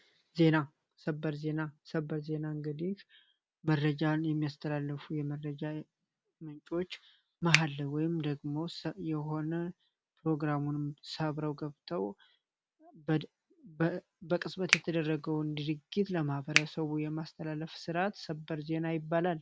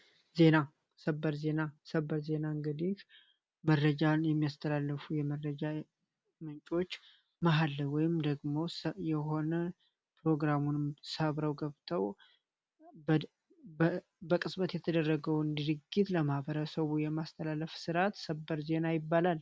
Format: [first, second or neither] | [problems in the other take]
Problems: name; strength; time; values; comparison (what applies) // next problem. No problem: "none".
second | background sound (Finger snapping); 4 dB above the speech